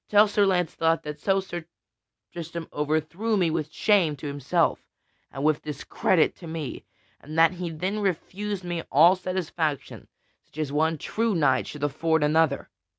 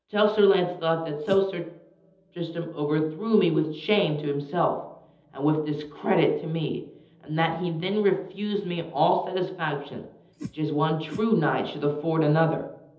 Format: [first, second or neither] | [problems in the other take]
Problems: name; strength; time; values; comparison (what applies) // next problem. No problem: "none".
first | background sound (Whoosh, swoosh, swish); 12 dB below the speech // room echo; dies away in 1.2 s